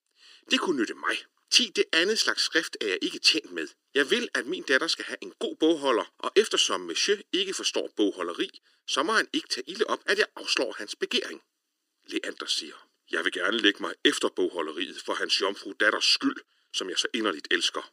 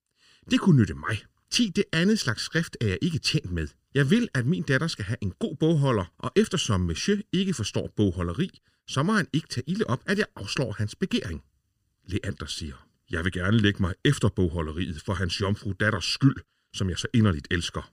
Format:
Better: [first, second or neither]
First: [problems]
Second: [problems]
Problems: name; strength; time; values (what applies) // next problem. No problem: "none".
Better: second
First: thin; very; fading below 300 Hz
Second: none